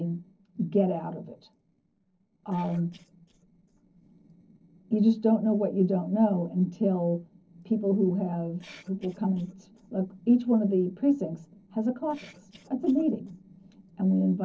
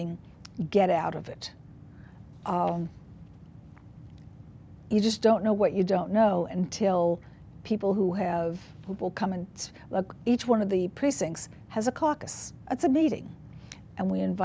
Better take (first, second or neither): second